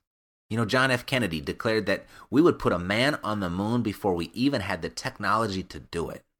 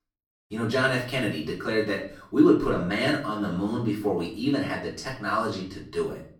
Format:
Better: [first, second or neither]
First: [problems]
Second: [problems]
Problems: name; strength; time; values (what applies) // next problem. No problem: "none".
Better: first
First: none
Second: off-mic speech; far // room echo; slight; dies away in 0.4 s